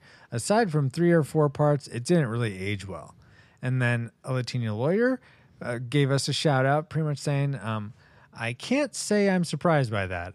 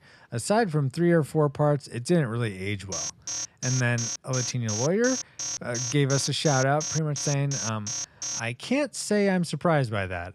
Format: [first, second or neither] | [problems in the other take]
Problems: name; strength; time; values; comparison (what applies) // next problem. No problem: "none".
first | alarm; noticeable; from 3 to 8.5 s; peak 4 dB below the speech